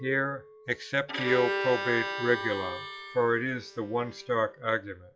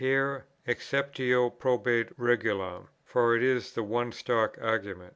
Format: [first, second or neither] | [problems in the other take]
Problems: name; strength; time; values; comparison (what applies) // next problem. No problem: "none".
second | noise reduction (classical method log-MMSE)